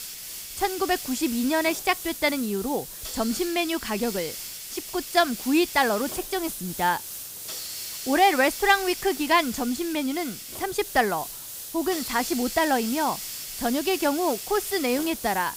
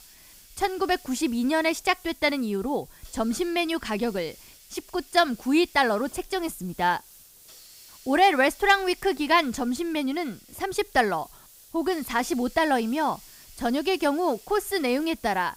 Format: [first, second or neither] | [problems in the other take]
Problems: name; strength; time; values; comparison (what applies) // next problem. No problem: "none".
second | hiss; loud; throughout; 8 dB below the speech; faint in the second